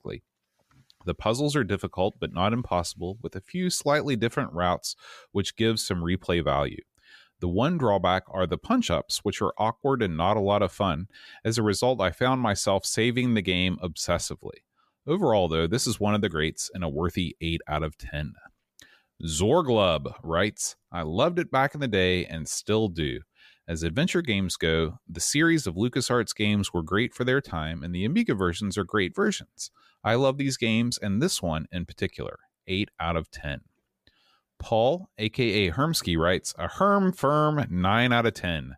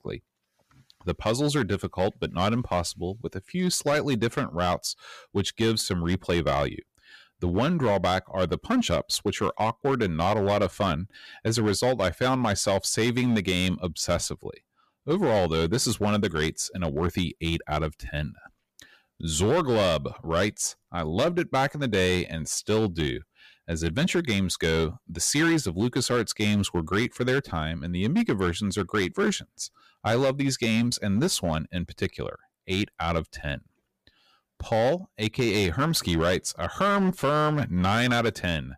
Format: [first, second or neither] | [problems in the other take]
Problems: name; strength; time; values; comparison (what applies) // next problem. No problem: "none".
first | distortion; slight; 6% of the sound clipped